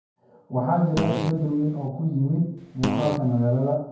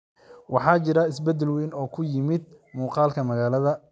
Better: second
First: background sound (Fart); 7 dB below the speech // room echo; dies away in 0.9 s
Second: none

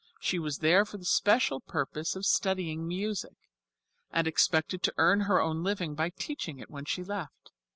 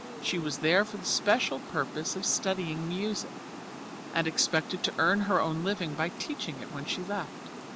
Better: first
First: none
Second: background sound (Water); 11 dB below the speech

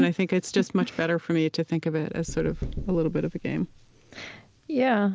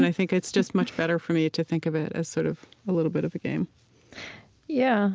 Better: second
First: background sound (Knock / Wood); 12 dB below the speech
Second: none

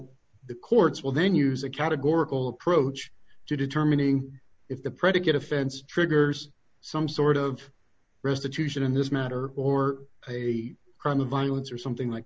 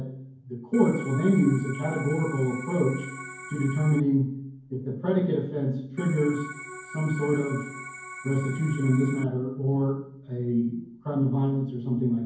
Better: first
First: none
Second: background sound (Organ); 13 dB below the speech // room echo; dies away in 0.9 s

